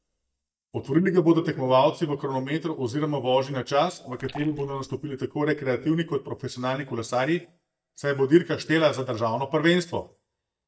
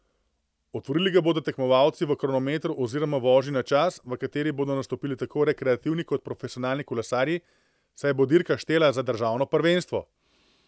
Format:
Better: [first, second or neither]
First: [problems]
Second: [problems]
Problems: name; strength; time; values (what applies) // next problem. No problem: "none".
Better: second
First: noise reduction (neural mask model DeepFilterNet 3)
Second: none